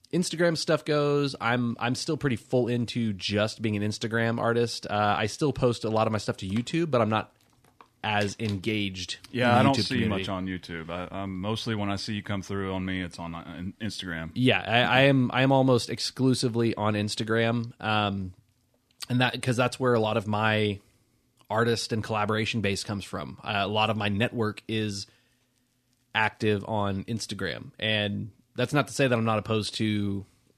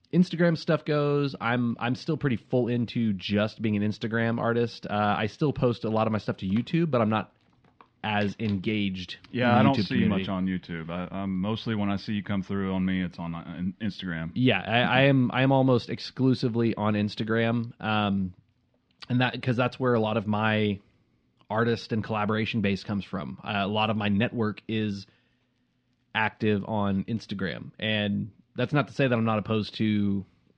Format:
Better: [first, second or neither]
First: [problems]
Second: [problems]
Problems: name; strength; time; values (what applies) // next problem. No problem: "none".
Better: first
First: none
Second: muffled; very slightly; fading above 4 kHz